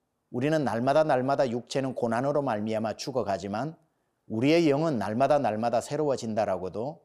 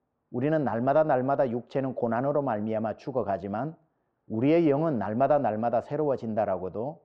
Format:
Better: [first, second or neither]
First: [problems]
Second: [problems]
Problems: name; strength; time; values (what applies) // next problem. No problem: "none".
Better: first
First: none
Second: muffled; very; fading above 1.5 kHz